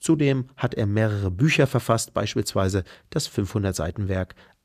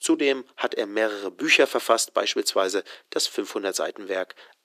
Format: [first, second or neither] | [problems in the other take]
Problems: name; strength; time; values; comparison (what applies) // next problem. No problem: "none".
first | thin; very; fading below 350 Hz